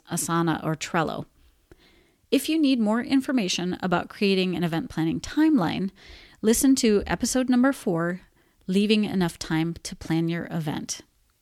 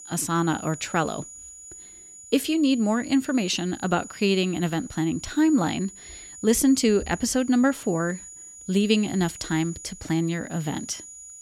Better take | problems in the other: first | high-pitched whine; noticeable; throughout; 7 kHz, 15 dB below the speech

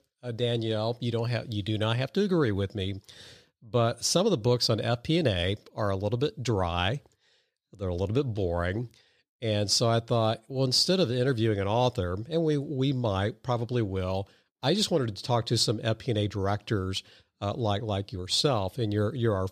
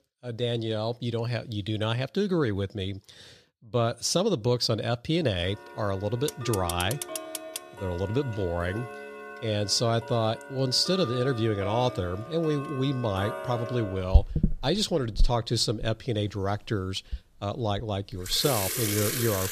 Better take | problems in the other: first | household noises; loud; from 5.5 s on; 5 dB below the speech

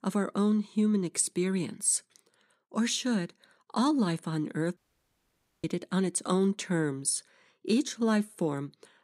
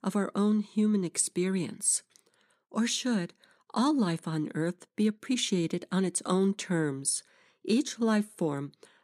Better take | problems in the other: second | audio cutting out; at 5 s for 1 s

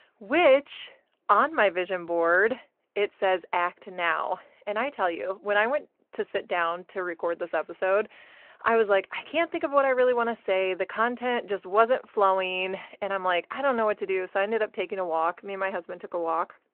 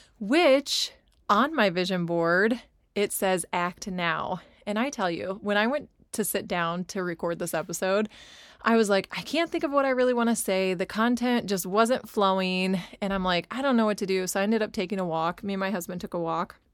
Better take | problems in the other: second | phone-call audio

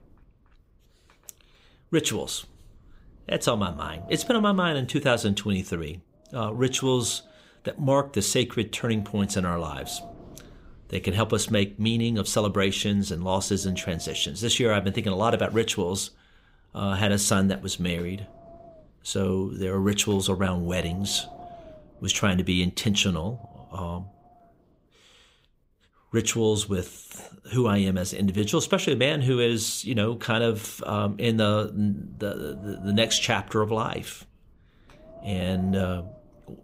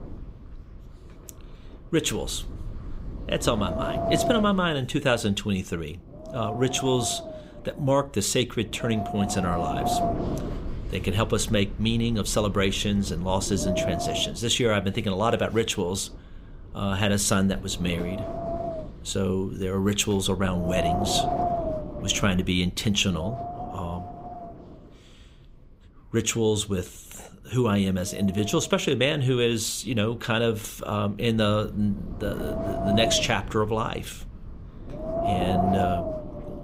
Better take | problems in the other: first | wind noise on the microphone; heavy; 3 dB below the speech; occasional gusts in the first

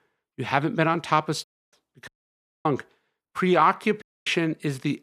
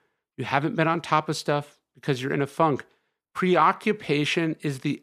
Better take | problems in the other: second | audio cutting out; at 1.5 s, at 2 s for 0.5 s and at 4 s

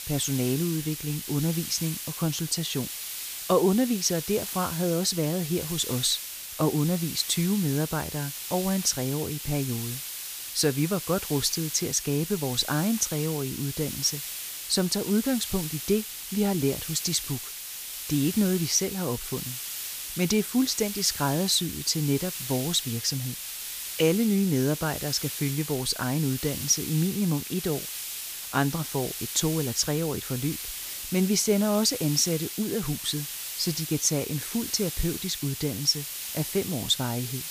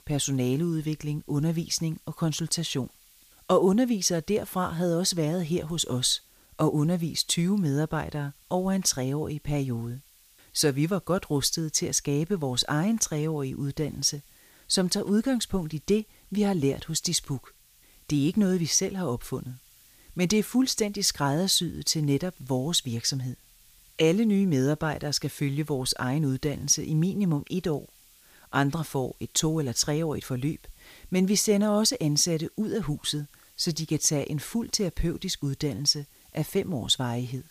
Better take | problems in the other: second | hiss; loud; throughout; 6 dB below the speech; faint in the second

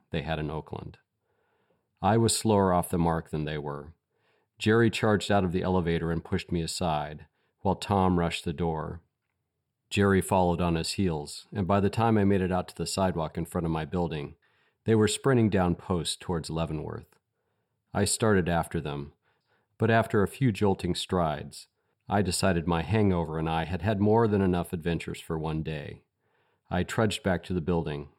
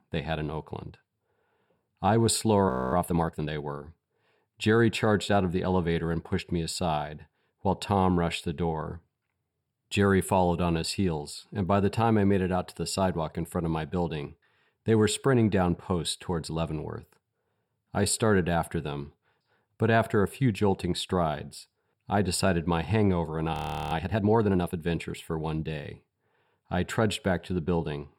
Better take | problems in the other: first | audio freezing; at 2.5 s and at 24 s

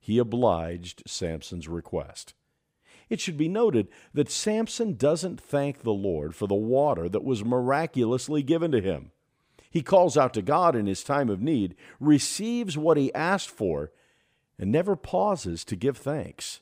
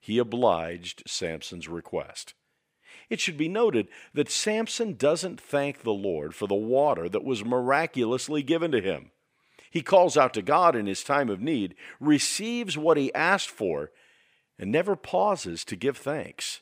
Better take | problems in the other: first | thin; very slightly; fading below 600 Hz

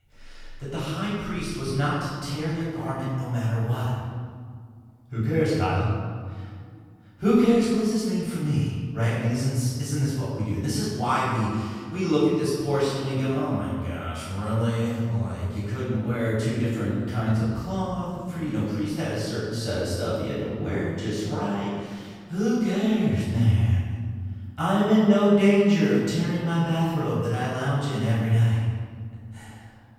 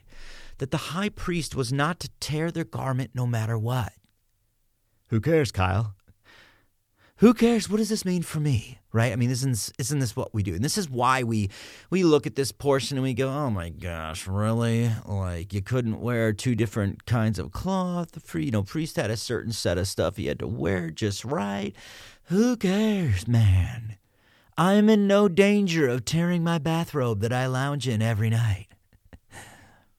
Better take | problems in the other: second | off-mic speech; far // room echo; strong; dies away in 1.7 s

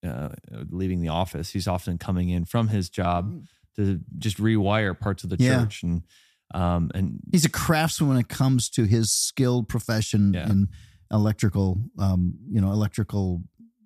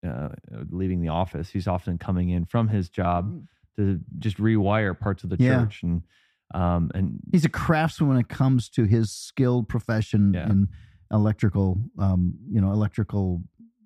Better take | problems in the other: first | muffled; slightly; fading above 3.5 kHz

